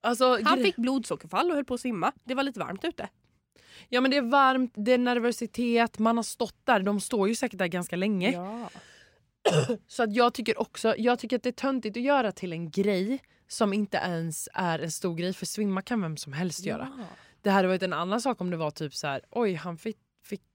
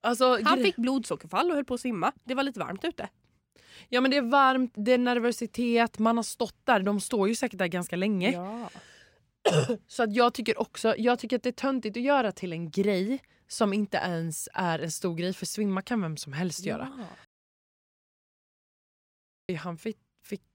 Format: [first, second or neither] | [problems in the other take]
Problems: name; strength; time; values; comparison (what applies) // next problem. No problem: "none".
first | audio cutting out; at 17 s for 2 s